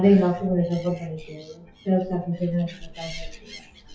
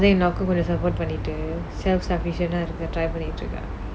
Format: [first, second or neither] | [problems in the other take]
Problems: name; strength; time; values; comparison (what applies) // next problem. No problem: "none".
second | noise reduction (classical method WPE with log-MMSE)